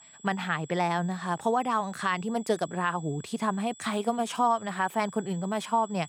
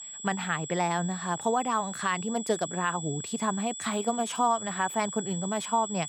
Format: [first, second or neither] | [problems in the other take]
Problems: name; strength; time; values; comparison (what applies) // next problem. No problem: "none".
first | high-pitched whine; loud; throughout; 7.5 kHz, 7 dB below the speech; faint in the first